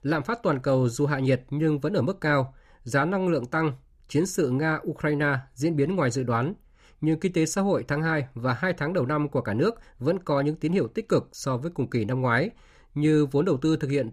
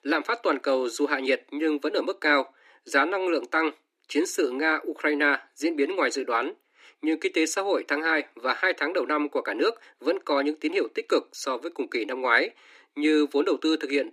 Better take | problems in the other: first | thin; somewhat; fading below 300 Hz

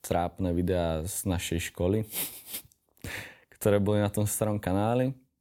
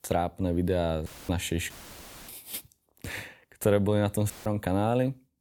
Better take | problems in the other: first | audio cutting out; filled with static; at 1 s, at 1.5 s for 0.5 s and at 4.5 s

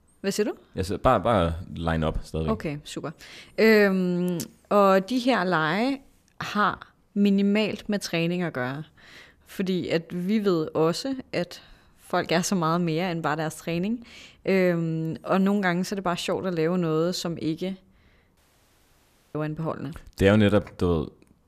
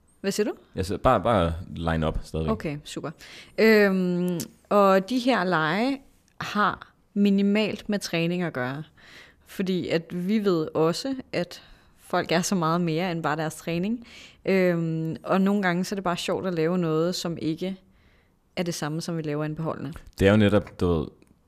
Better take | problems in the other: second | audio cutting out; at 18 s for 1 s

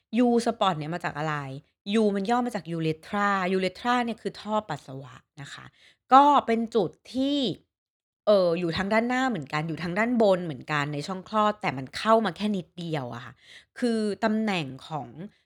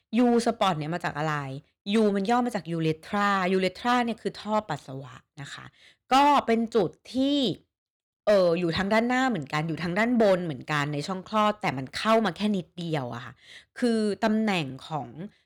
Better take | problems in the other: first | distortion; slight; 3% of the sound clipped

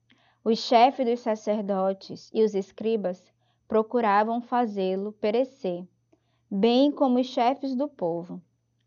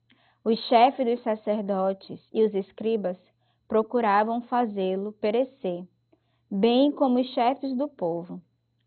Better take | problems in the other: first | garbled, watery; badly; nothing above 4 kHz; slightly in the first

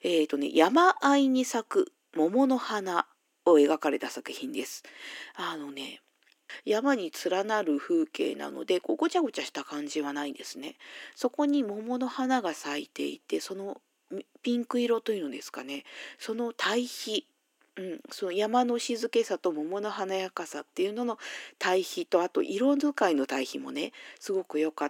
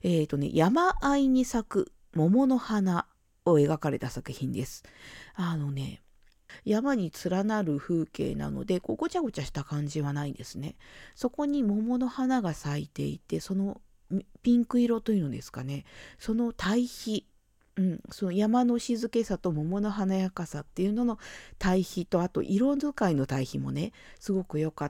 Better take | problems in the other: second | thin; somewhat; fading below 300 Hz

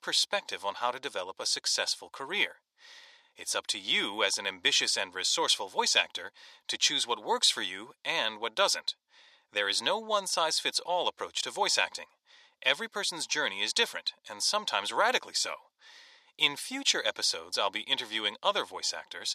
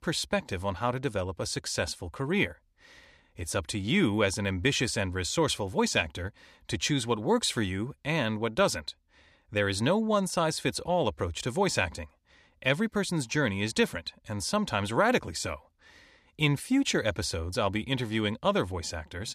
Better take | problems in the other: second | thin; very; fading below 600 Hz

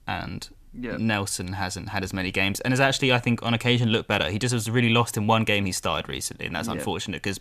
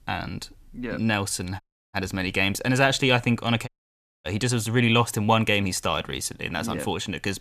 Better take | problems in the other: first | audio cutting out; at 1.5 s and at 3.5 s for 0.5 s

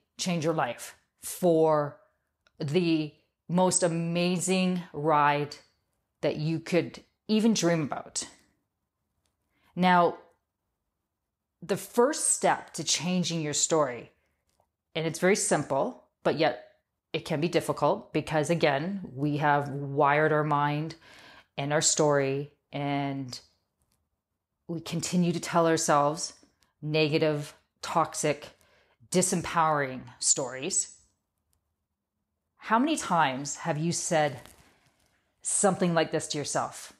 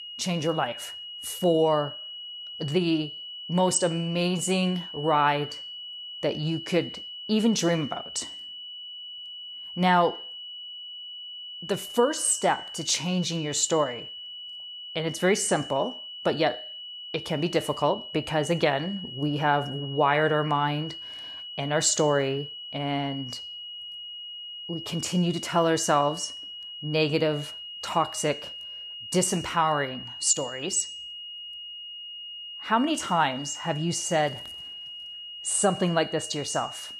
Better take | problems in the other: first | high-pitched whine; noticeable; throughout; 3 kHz, 10 dB below the speech

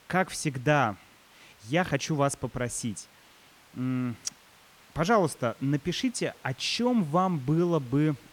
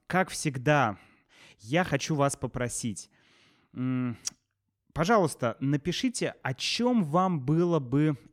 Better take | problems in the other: second | hiss; faint; throughout; 25 dB below the speech

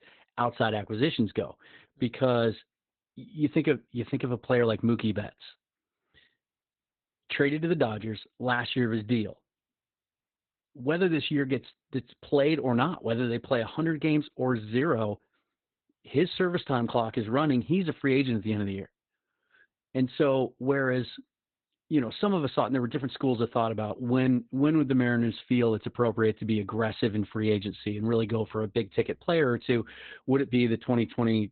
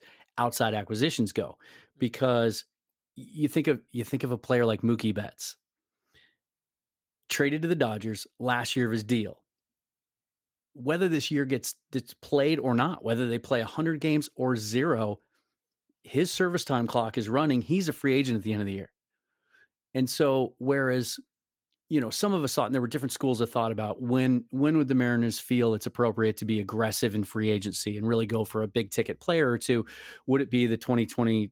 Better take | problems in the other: second | garbled, watery; badly; nothing above 4 kHz; slightly in the second

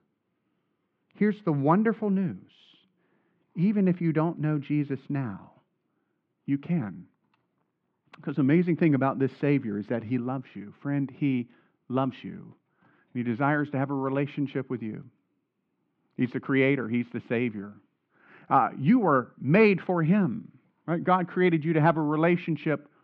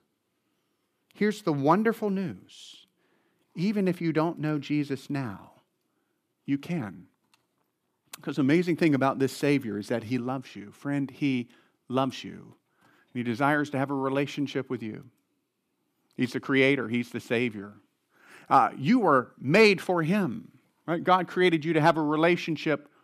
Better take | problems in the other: second | muffled; very; fading above 2.5 kHz

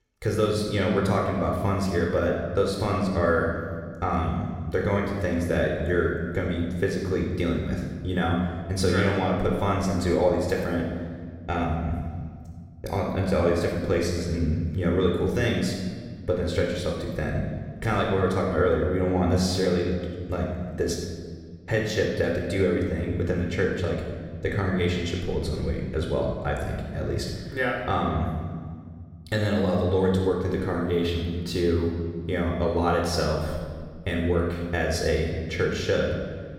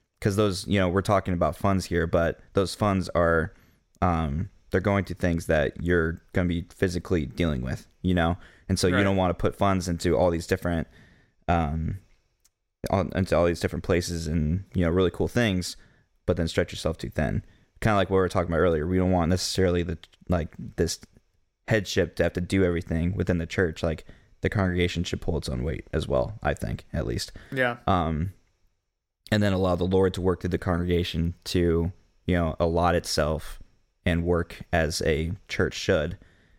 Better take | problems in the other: second | room echo; noticeable; dies away in 1.5 s // off-mic speech; somewhat distant

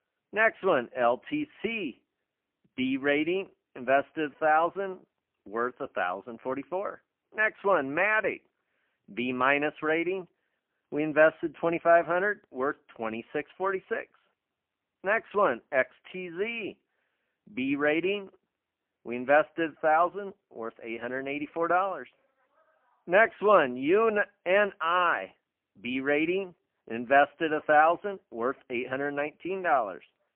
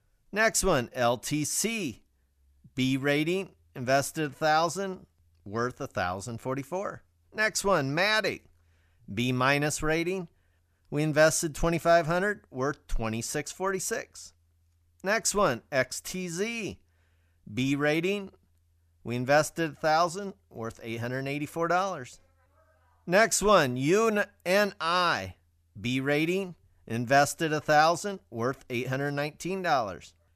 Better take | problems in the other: second | phone-call audio; poor line; nothing above 3 kHz

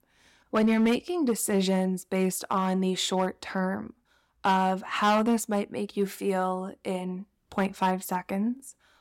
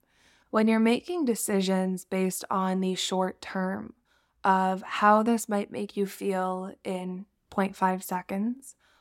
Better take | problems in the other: second | distortion; slight; 3% of the sound clipped

